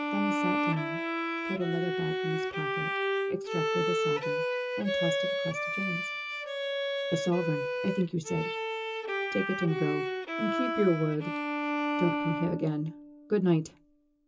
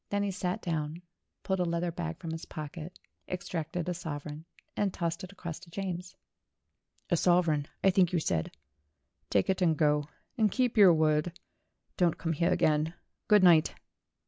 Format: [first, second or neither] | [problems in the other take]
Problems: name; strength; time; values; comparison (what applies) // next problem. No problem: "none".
second | background sound (Bowed string instrument); 1 dB above the speech // room echo; dies away in 0.2 s